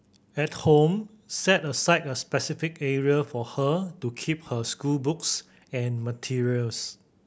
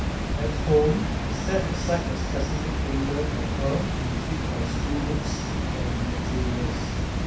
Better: first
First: none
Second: background sound (Water); 3 dB above the speech // room echo; dies away in 0.6 s

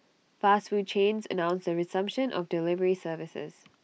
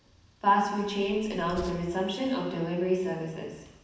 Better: first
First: none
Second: background sound (Train); 20 dB below the speech // room echo; dies away in 1.1 s

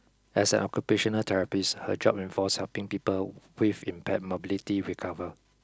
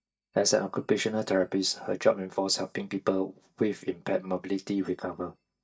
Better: first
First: none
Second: noise reduction (neural mask model DeepFilterNet 3)

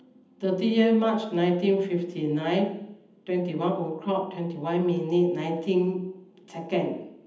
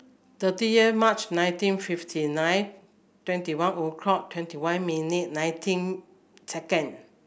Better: second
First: room echo; dies away in 0.8 s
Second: none

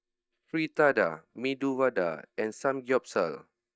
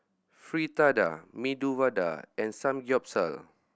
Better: second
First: noise reduction (neural mask model DeepFilterNet 3)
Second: none

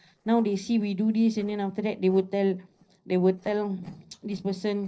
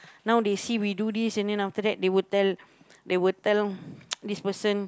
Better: second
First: noise reduction (neural separator model SepFormer DNS4)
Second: none

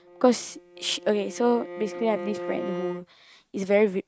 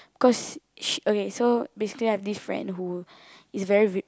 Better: second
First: noise reduction (neural mask model RNNoise)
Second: none

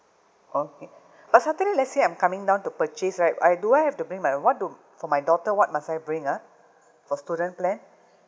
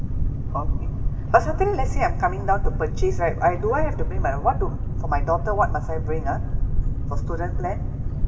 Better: first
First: none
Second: background sound (Boat, Water vehicle); 3 dB above the speech // room echo; dies away in 1.9 s

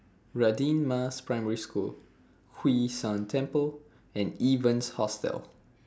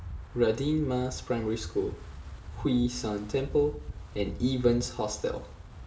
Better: first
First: none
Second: background sound (Wind); 11 dB below the speech // room echo; dies away in 0.4 s

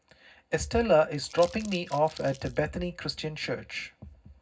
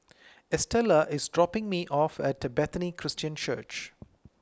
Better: second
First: background sound (Crumpling, crinkling); 19 dB below the speech // room echo; dies away in 0.4 s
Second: none

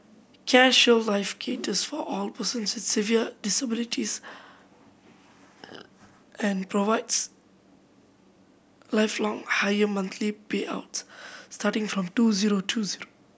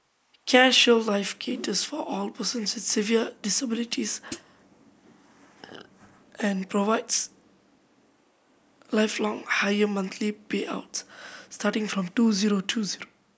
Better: first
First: none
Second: noise reduction (neural mask model Resemble Enhance denoiser)

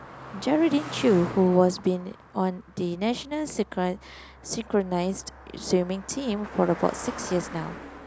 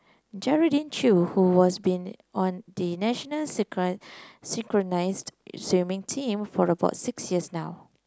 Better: second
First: background sound (Car passing by); 15 dB below the speech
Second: none

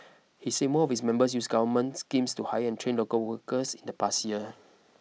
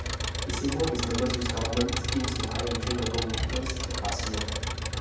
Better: first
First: none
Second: background sound (Engine); 2 dB above the speech // room echo; dies away in 0.9 s

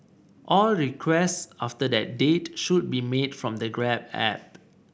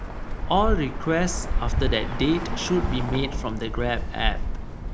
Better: first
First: none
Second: background sound (Bird); as loud as the speech

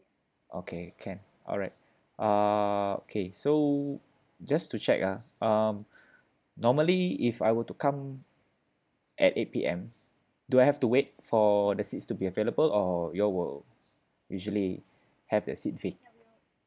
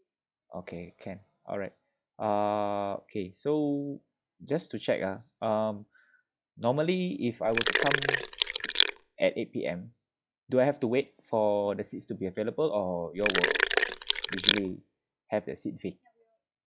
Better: first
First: none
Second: noise reduction (classical method log-MMSE)

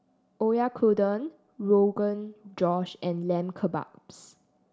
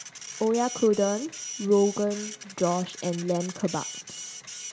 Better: first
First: none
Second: background sound (Printer); 12 dB below the speech

